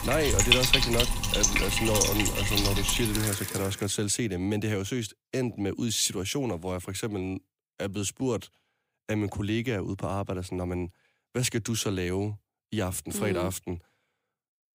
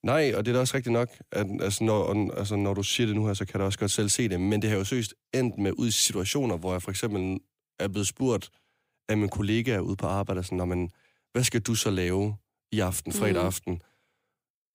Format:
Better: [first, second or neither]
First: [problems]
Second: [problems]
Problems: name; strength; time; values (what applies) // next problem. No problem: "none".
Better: second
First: household noises; very loud; until 3.5 s; 5 dB above the speech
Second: none